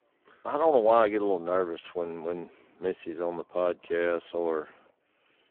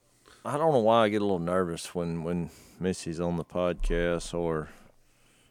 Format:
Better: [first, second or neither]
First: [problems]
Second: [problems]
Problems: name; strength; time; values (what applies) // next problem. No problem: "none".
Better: second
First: phone-call audio; poor line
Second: none